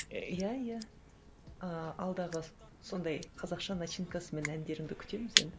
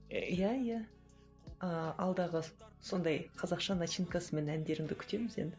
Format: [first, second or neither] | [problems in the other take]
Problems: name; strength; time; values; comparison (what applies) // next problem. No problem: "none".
second | background sound (Crushing); 1 dB below the speech